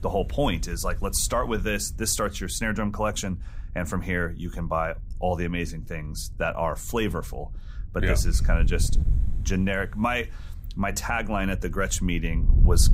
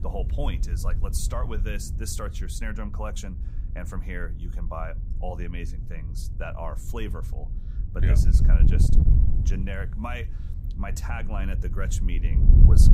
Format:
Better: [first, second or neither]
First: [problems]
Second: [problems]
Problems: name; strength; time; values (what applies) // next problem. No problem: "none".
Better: first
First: wind noise on the microphone; occasional gusts; 20 dB below the speech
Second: wind noise on the microphone; heavy; 6 dB below the speech